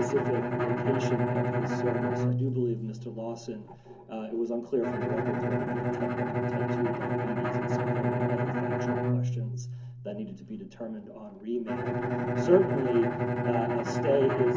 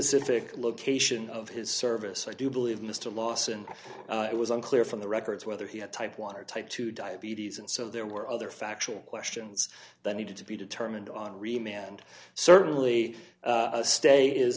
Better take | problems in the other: second | background sound (Bowed string instrument); 2 dB above the speech // room echo; dies away in 0.3 s

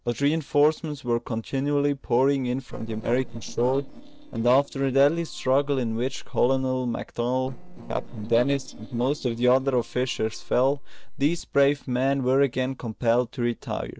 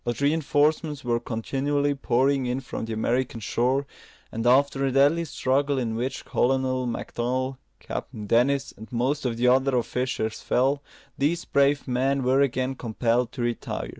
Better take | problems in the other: second | noise reduction (neural separator model SepFormer DNS4)

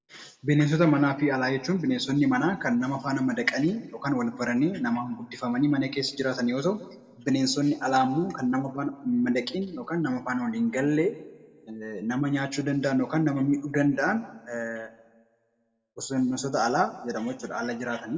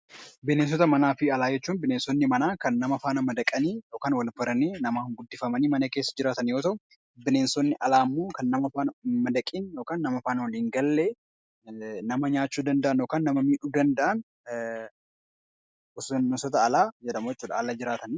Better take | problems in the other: second | room echo; dies away in 1 s

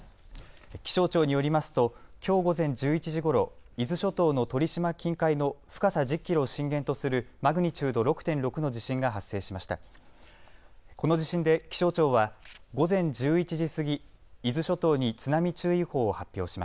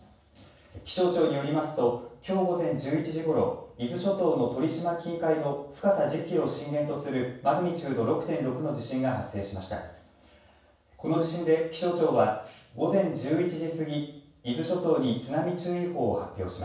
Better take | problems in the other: first | room echo; dies away in 0.7 s

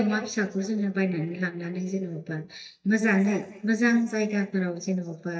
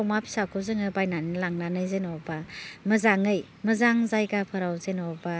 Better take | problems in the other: second | noise reduction (neural mask model DeepFilterNet 3)

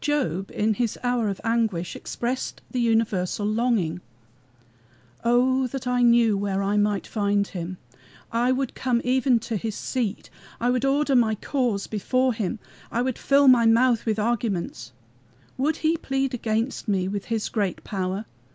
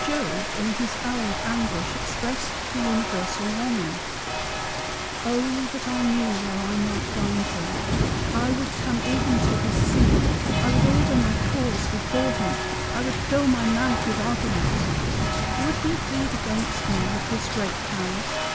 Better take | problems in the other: first | background sound (Rain); 3 dB above the speech

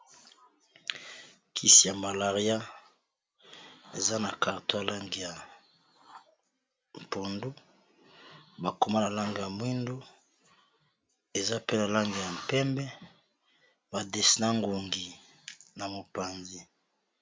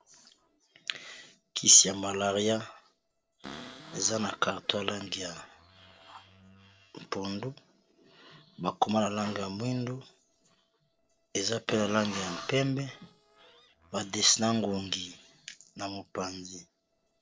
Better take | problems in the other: first | noise reduction (neural separator model SepFormer DNS4)

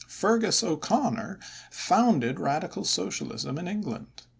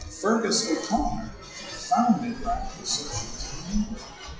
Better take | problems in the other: first | noise reduction (classical method WPE with log-MMSE)

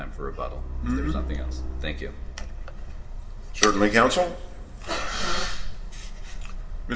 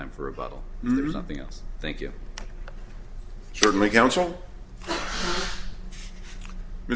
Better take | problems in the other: second | background sound (Truck); 9 dB below the speech // room echo; dies away in 1.9 s

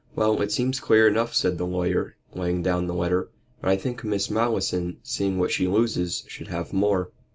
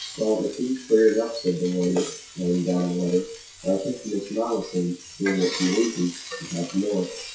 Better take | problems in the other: first | noise reduction (classical method WPE with log-MMSE)

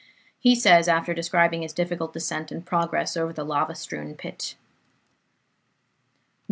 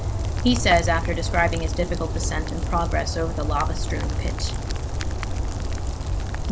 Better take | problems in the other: first | background sound (Rain); 2 dB above the speech

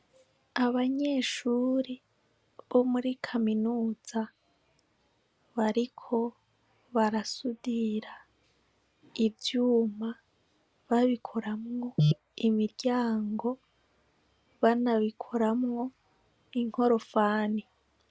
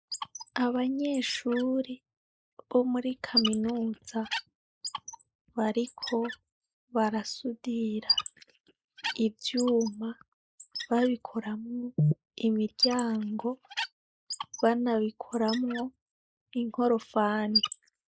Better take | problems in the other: first | noise reduction (neural mask model Resemble Enhance denoiser)

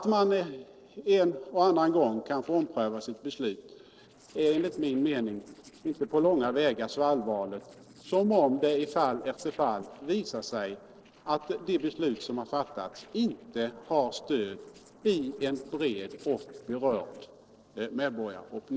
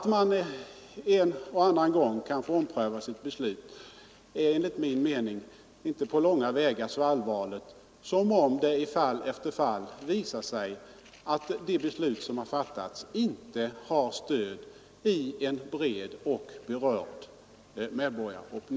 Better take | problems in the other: second | noise reduction (neural separator model SepFormer DNS4)

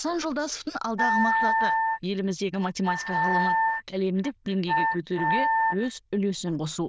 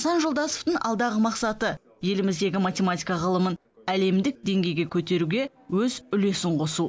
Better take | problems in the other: second | noise reduction (neural diffusion model UNIVERSE++)

